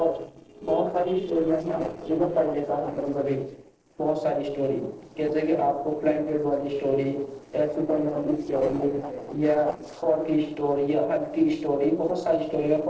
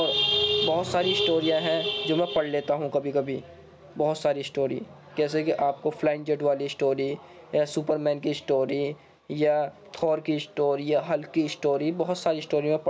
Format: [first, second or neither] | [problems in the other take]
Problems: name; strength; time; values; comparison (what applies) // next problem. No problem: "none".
second | noise reduction (neural separator model SepFormer DNS4)